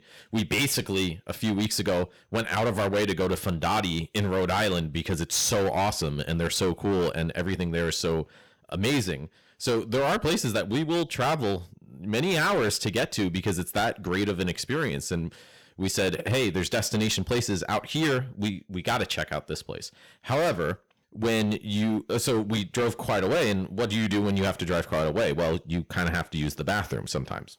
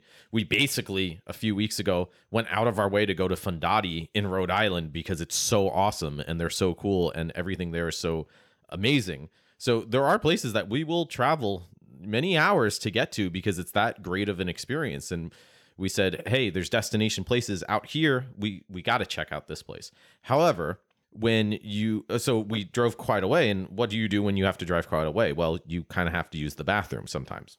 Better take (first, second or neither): second